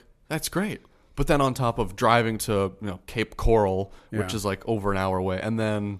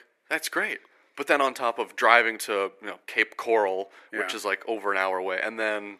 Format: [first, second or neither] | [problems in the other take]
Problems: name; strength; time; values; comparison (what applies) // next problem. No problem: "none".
first | thin; very; fading below 300 Hz